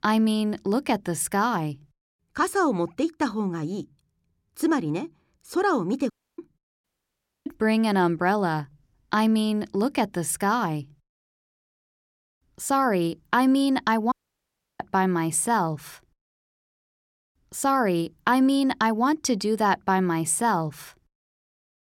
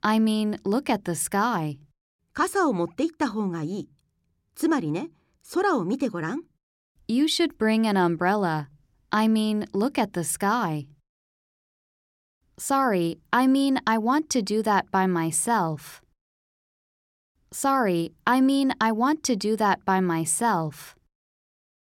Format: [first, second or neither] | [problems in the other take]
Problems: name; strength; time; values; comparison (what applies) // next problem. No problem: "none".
second | audio cutting out; at 6 s, at 7 s for 0.5 s and at 14 s for 0.5 s